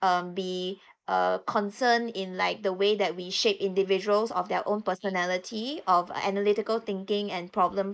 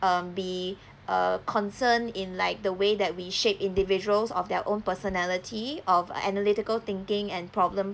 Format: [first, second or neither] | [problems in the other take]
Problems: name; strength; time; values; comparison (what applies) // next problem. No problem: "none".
second | noise reduction (neural mask model Resemble Enhance denoiser)